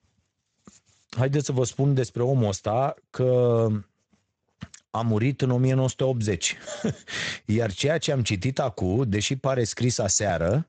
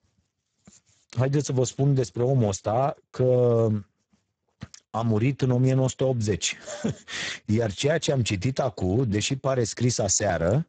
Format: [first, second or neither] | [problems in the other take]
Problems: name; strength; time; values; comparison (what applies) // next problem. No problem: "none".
first | garbled, watery; badly; nothing above 7.5 kHz; slightly in the first